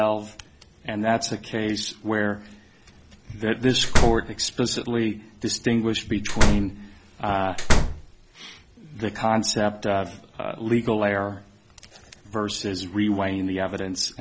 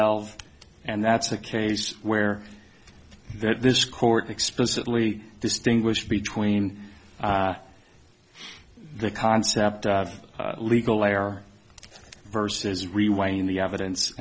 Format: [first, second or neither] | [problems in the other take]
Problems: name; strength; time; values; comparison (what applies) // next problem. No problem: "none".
second | background sound (Slam); 5 dB above the speech